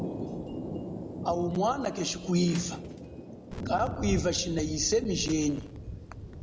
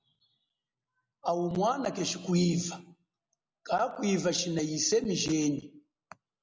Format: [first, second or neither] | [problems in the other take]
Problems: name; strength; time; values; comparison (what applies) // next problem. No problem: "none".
second | background sound (Thunder); 7 dB below the speech